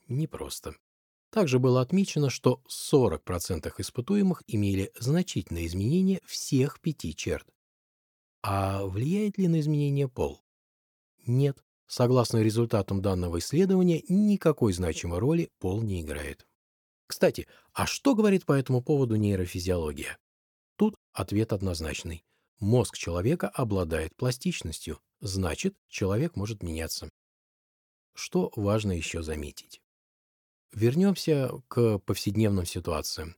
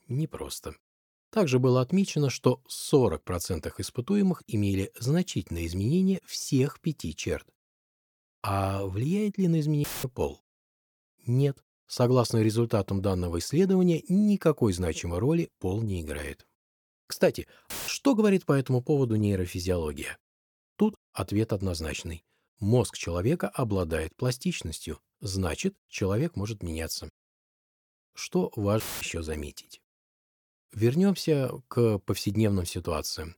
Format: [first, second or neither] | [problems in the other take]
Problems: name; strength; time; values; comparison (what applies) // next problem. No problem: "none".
first | audio cutting out; filled with static; at 10 s, at 18 s and at 29 s